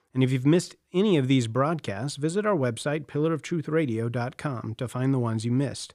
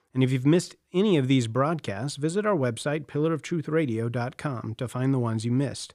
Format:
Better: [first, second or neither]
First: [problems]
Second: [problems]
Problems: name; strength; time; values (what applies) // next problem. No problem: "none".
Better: neither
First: none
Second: none